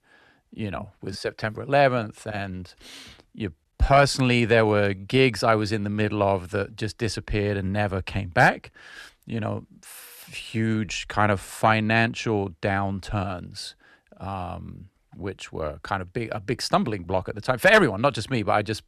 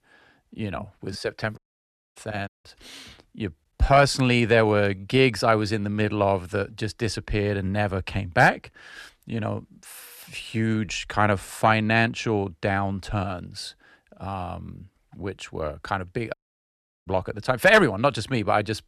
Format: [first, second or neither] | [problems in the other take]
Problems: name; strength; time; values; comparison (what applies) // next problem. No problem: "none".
first | audio cutting out; at 1.5 s for 0.5 s, at 2.5 s and at 16 s for 0.5 s